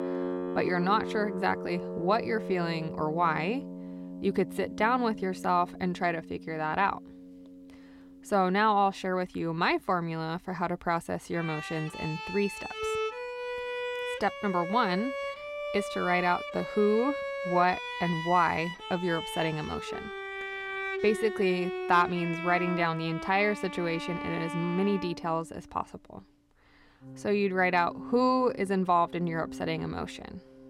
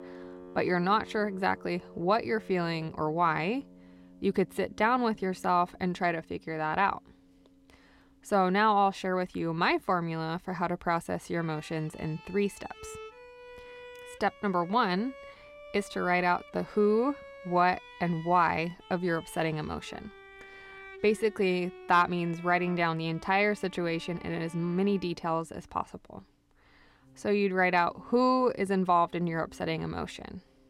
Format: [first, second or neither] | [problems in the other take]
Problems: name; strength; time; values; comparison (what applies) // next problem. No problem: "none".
second | background music; loud; throughout; 8 dB below the speech; faint in the second